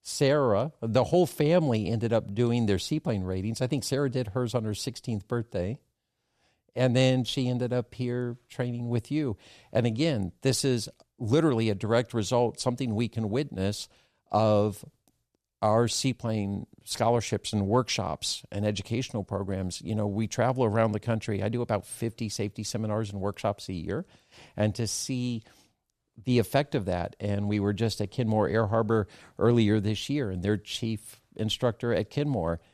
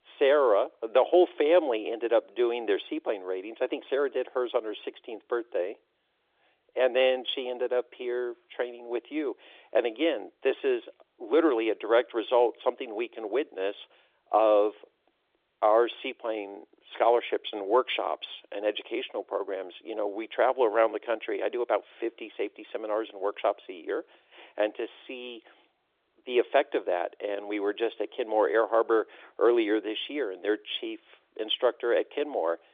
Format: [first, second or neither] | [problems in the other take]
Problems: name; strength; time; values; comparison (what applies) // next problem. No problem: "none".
first | phone-call audio; nothing above 3.5 kHz